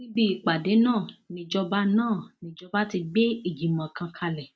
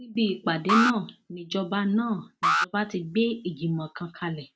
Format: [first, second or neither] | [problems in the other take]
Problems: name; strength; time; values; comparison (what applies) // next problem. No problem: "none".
first | background sound (Alarm); 3 dB below the speech